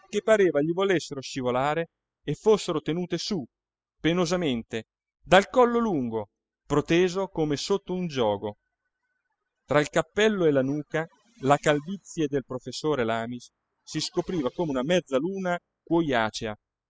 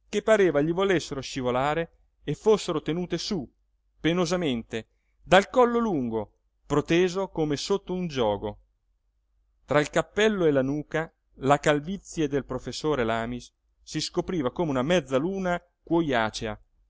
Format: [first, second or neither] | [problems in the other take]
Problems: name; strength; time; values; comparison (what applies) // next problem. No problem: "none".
second | noise reduction (classical method spectral subtraction)